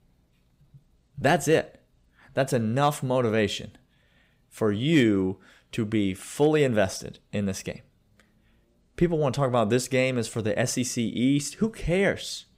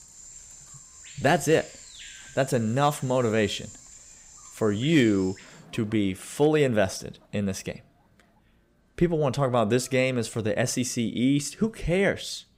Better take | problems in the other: first | animal sounds; noticeable; throughout; 20 dB below the speech

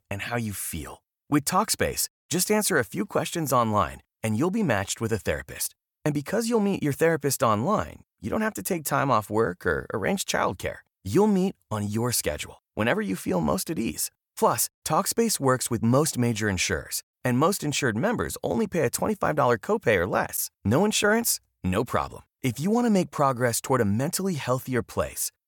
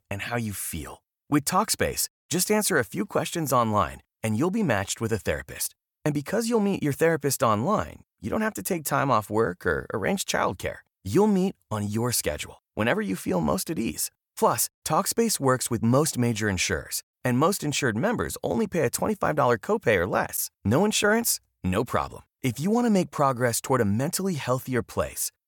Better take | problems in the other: neither | none

